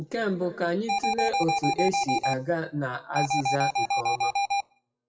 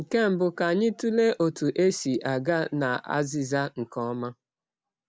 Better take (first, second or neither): second